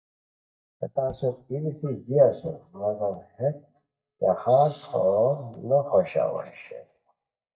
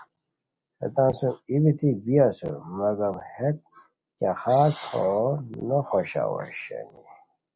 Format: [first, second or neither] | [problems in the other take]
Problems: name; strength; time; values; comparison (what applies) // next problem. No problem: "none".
second | noise reduction (neural mask model DeepFilterNet 3)